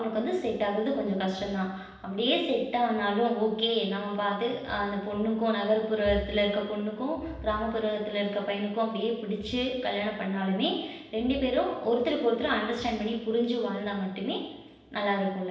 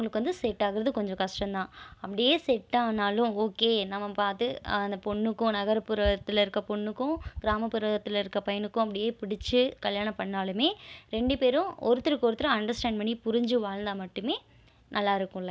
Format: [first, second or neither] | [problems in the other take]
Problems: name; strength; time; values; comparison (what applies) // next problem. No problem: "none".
second | room echo; dies away in 0.9 s